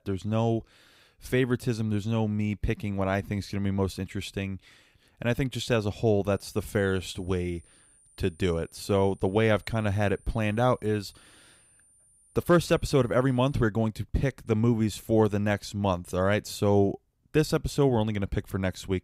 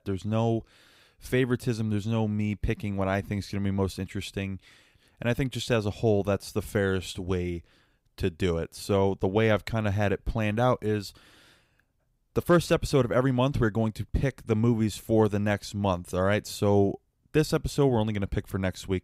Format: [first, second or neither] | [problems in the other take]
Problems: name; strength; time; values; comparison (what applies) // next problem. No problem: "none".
second | high-pitched whine; faint; from 6.5 to 14 s; 9 kHz, 30 dB below the speech